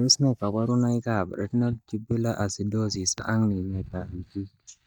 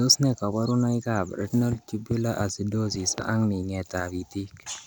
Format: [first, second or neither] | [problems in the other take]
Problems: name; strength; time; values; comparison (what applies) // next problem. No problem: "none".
second | noise reduction (neural mask model DeepFilterNet 3)